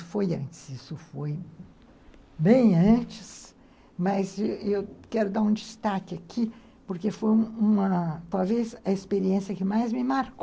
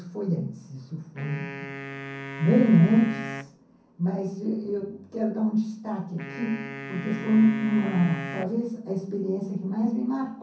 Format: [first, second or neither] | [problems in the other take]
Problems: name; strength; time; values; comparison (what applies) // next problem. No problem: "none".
first | background sound (Wind instrument, woodwind instrument); 12 dB below the speech // room echo; dies away in 0.6 s